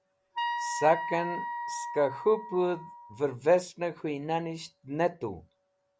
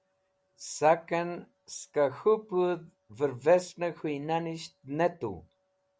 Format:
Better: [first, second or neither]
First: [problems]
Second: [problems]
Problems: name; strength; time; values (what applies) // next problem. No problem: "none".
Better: second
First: background sound (Wind instrument, woodwind instrument); 6 dB below the speech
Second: none